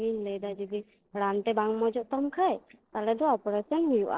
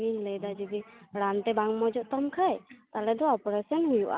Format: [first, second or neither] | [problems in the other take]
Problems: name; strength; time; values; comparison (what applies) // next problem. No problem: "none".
second | noise reduction (neural separator model SepFormer DNS4)